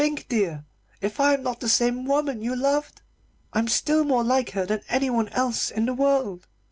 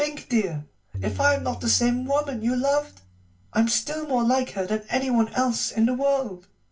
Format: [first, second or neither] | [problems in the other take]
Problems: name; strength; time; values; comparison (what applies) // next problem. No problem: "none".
first | background sound (Tabla); 13 dB below the speech // room echo; dies away in 0.2 s